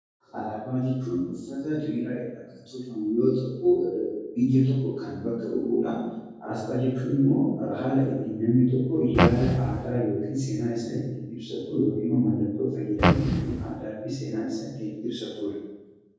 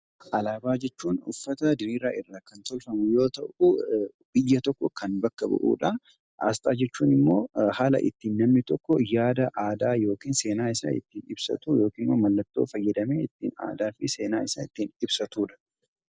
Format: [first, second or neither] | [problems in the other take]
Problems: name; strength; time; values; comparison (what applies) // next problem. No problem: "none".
second | background sound (Fart); 2 dB above the speech // room echo; dies away in 1.3 s